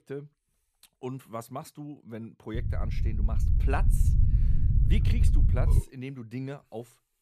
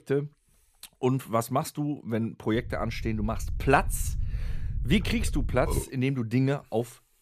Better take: second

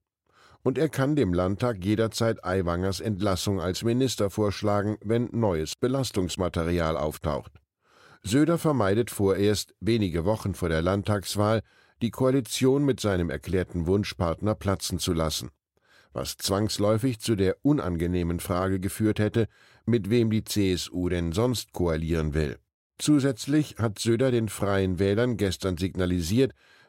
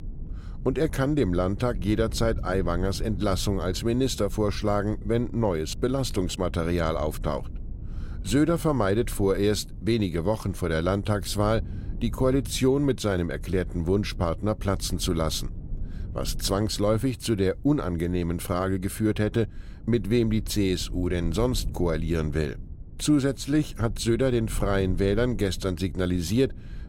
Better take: first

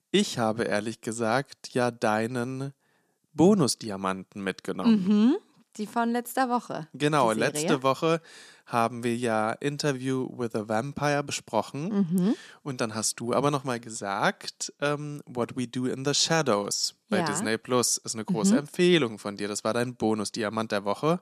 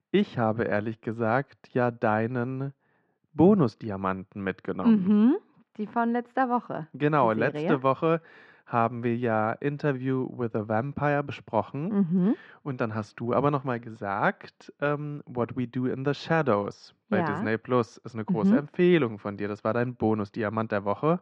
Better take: first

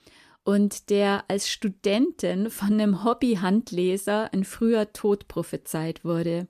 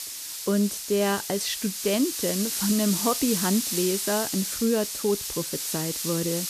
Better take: first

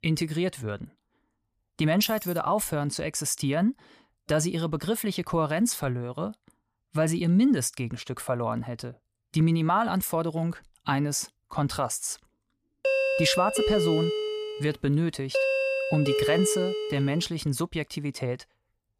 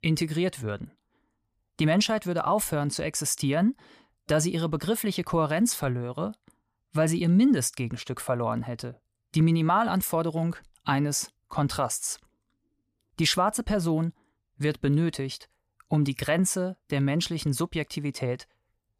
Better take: second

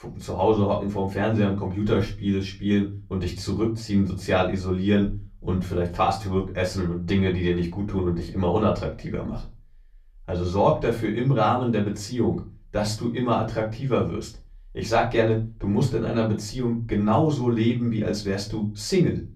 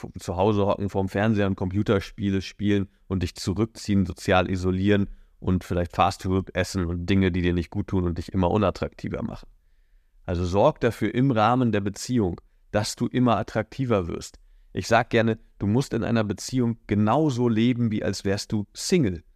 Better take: second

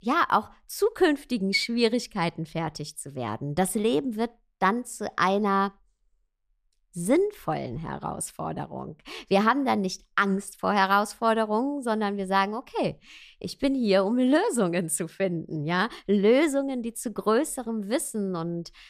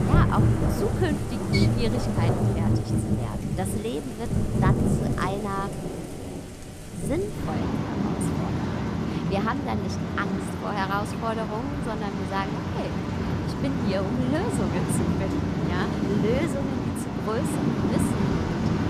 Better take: first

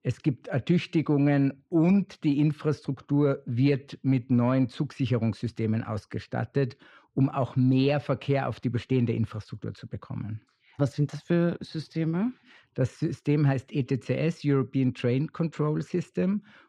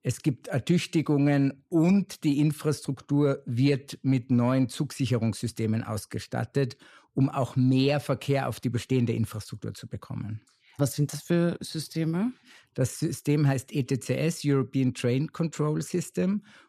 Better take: second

